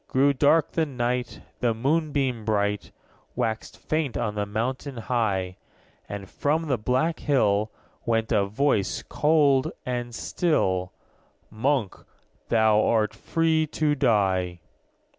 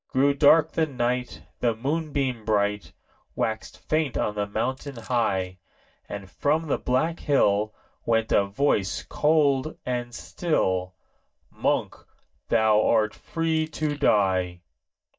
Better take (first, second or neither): first